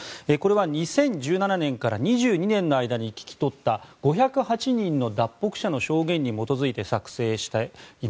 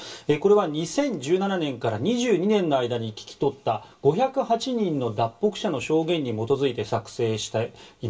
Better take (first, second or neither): first